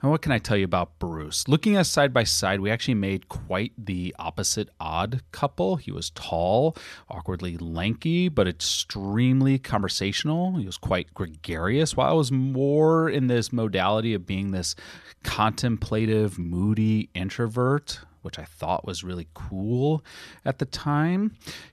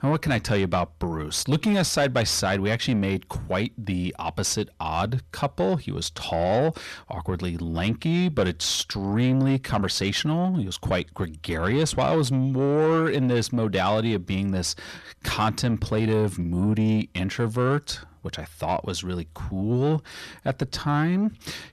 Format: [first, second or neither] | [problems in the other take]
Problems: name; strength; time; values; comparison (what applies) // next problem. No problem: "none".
first | distortion; slight; 10 dB below the speech